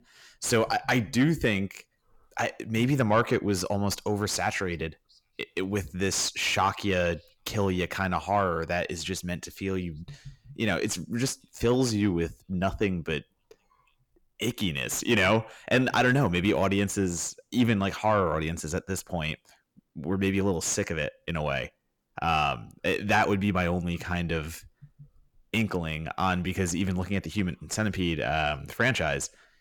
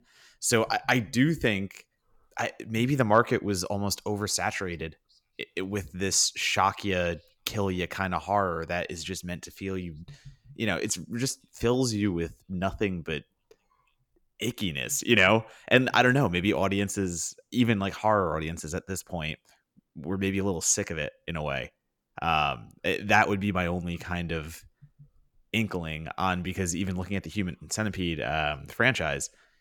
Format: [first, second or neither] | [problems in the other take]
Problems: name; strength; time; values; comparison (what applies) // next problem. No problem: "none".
second | distortion; slight; 10 dB below the speech